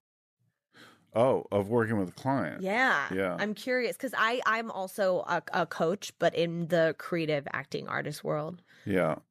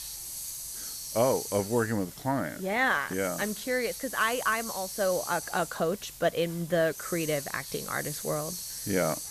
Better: first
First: none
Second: hiss; loud; throughout; 8 dB below the speech

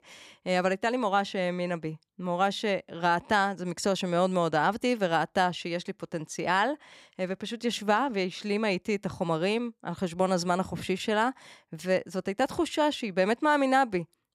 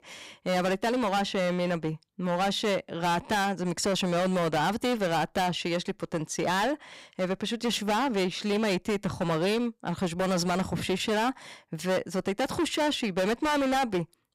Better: first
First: none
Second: distortion; heavy; 19% of the sound clipped

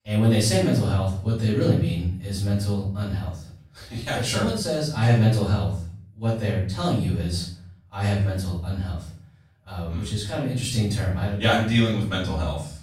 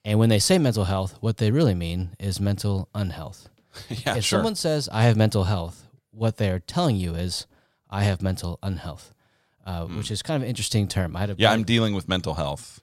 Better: second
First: off-mic speech; far // room echo; noticeable; dies away in 0.6 s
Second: none

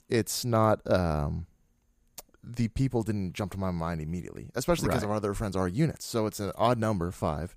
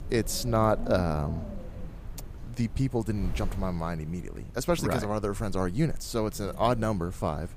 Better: first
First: none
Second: wind noise on the microphone; occasional gusts; 20 dB below the speech

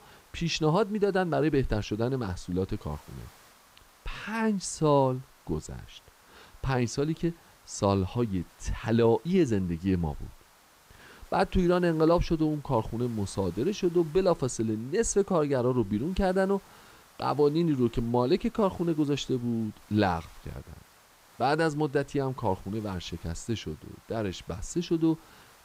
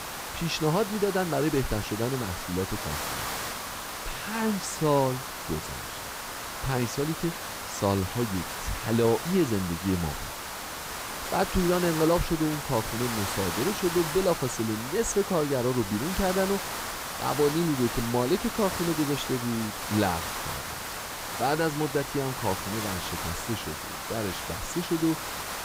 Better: first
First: hiss; faint; throughout; 25 dB below the speech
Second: hiss; loud; throughout; 5 dB below the speech

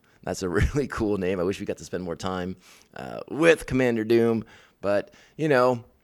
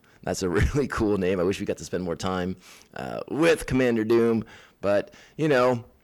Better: first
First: none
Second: distortion; slight; 10 dB below the speech

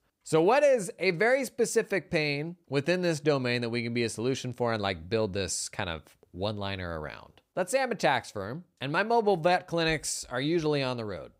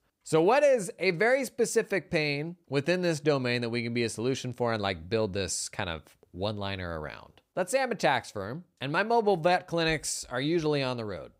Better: neither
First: none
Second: none

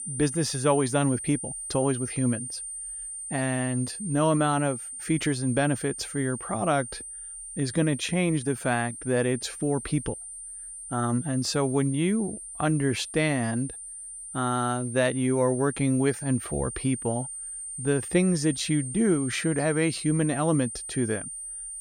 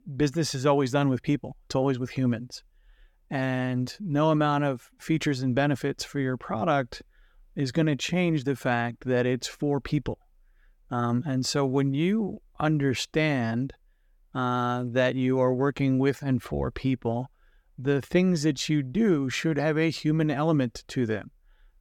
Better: second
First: high-pitched whine; loud; throughout; 9 kHz, 8 dB below the speech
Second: none

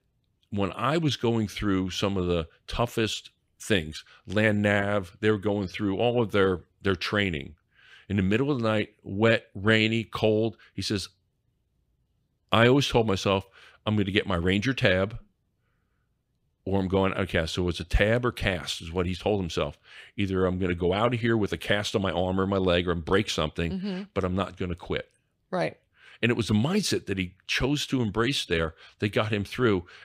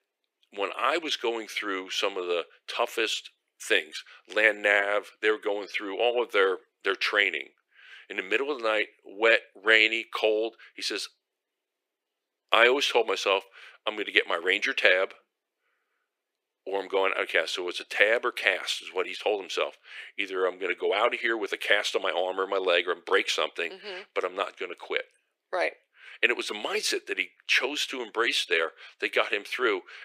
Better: first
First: none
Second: thin; very; fading below 350 Hz

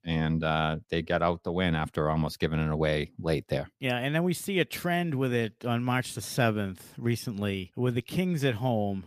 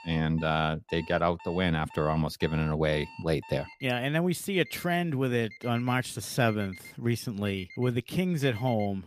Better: first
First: none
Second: alarms or sirens; noticeable; throughout; 20 dB below the speech

